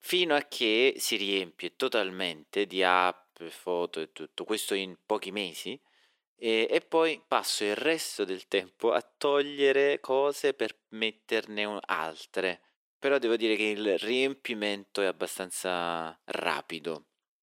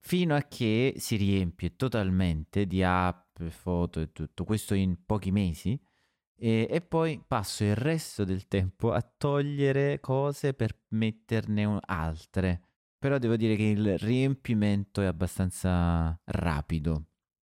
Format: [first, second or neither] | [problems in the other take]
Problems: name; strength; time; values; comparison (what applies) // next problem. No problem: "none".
second | thin; very; fading below 350 Hz